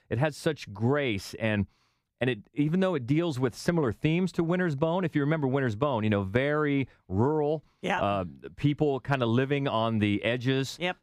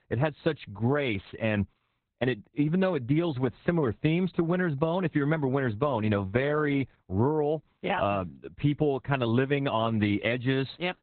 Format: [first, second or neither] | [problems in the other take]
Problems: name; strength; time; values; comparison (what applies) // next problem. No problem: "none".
first | garbled, watery; badly; nothing above 4 kHz